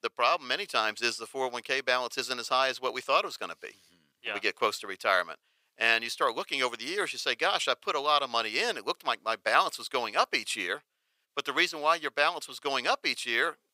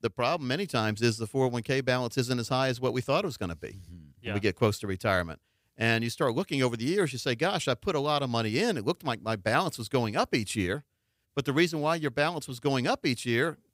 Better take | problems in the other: second | thin; very; fading below 600 Hz

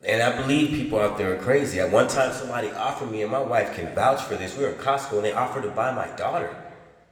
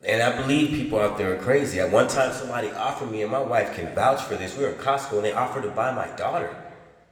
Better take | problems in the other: neither | room echo; slight; dies away in 1.2 s; the same in both

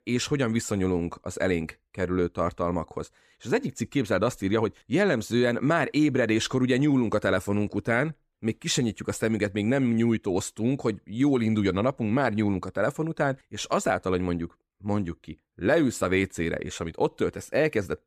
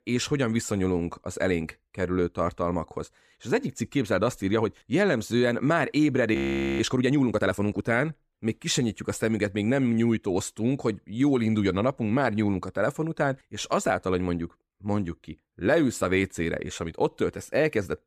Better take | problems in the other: first | audio freezing; at 6.5 s

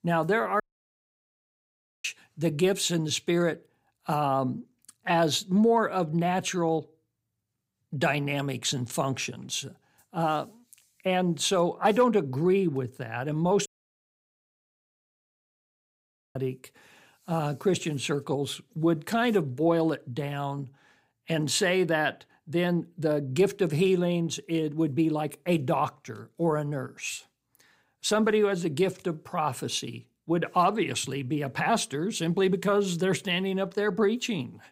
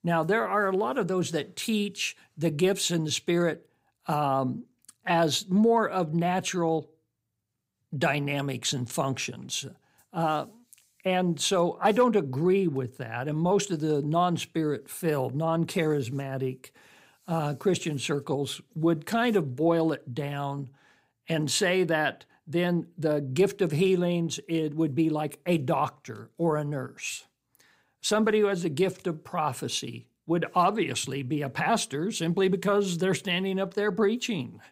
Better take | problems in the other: second | audio cutting out; at 0.5 s for 1.5 s and at 14 s for 2.5 s

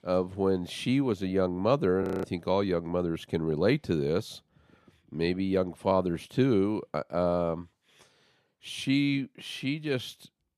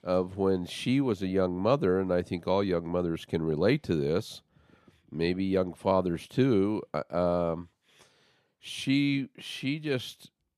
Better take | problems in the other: second | audio freezing; at 2 s

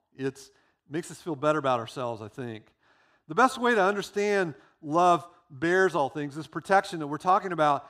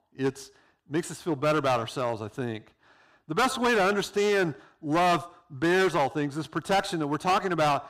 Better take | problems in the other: first | distortion; heavy; 11% of the sound clipped

